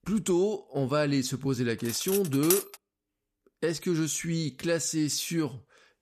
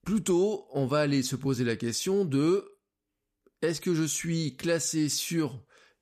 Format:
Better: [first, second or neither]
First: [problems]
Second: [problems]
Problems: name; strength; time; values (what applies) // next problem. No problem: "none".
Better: second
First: clattering dishes; loud; at 2 s; peak level with the speech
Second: none